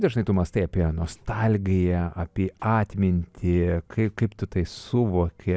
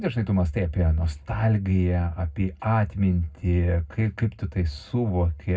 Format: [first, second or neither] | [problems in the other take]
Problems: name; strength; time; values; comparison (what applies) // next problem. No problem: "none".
first | room echo; dies away in 0.3 s